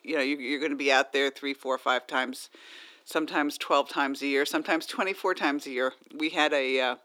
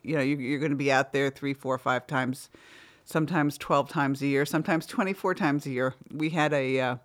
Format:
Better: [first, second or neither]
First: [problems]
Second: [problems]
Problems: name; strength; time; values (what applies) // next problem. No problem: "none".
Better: second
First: thin; very slightly; fading below 300 Hz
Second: none